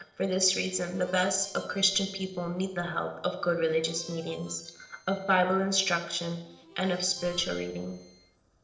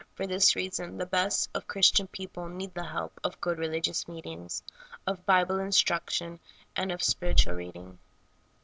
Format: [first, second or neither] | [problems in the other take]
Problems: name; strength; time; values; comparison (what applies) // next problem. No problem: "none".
second | noise reduction (neural separator model SepFormer DNS4)